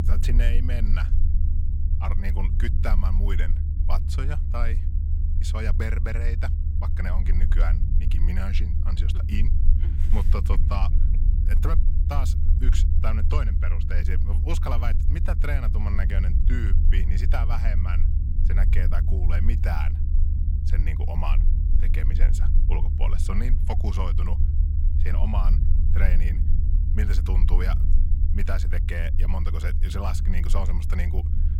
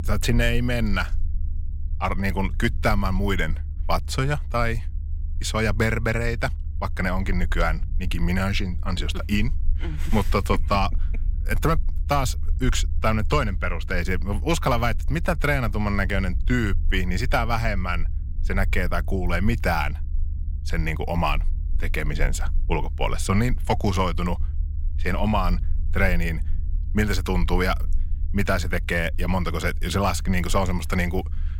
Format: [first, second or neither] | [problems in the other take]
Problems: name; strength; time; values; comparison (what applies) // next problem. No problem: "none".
second | low rumble; loud; throughout; 6 dB below the speech; faint in the second